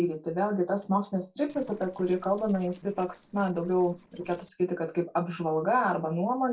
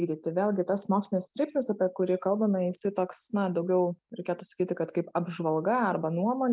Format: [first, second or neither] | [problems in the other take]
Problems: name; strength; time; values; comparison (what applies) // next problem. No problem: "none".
second | noise reduction (neural separator model SepFormer DNS4)